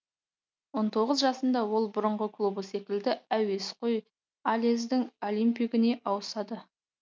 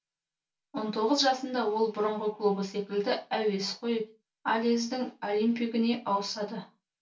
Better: first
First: none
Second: room echo; dies away in 0.2 s

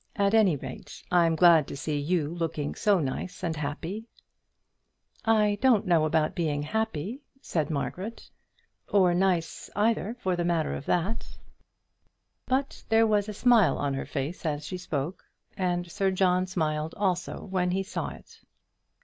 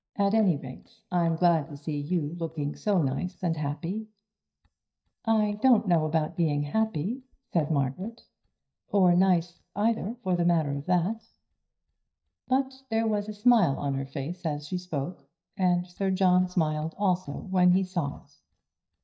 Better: first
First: none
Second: noise reduction (neural mask model DeepFilterNet 3)

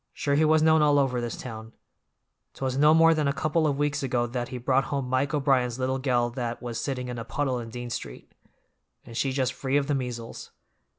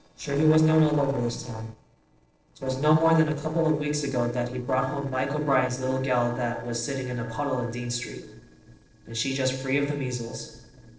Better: first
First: none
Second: noise reduction (neural separator model SepFormer DNS4)

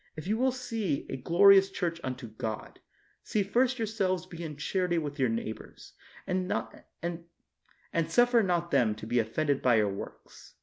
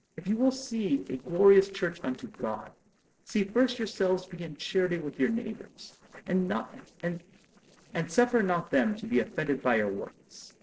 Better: first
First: none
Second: noise reduction (neural separator model SepFormer DNS4)

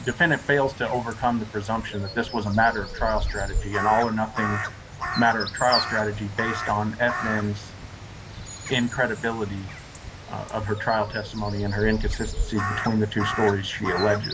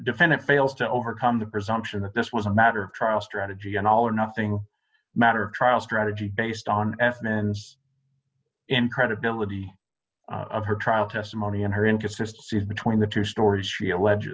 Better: second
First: background sound (Crow); 6 dB below the speech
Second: none

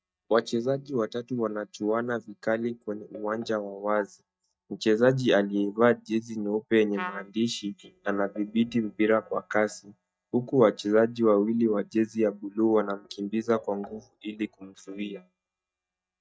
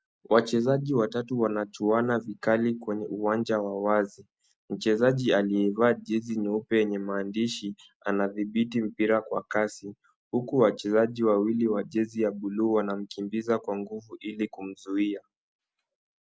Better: second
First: noise reduction (neural mask model DeepFilterNet 3)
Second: none

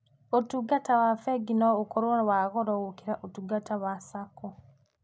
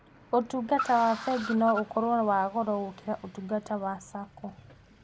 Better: first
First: none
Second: background sound (Car); 13 dB below the speech

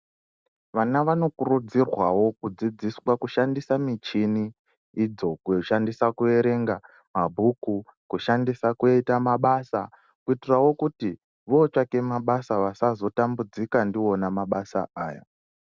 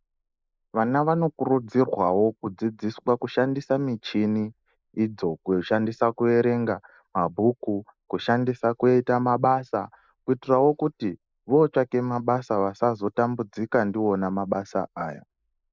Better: first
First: none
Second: noise reduction (neural mask model Resemble Enhance denoiser)

